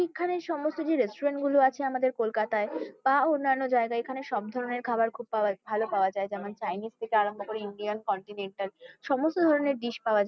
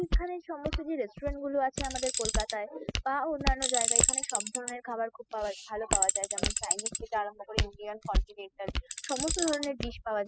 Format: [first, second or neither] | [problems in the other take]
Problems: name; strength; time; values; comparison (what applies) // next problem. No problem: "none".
first | noise reduction (classical method spectral subtraction)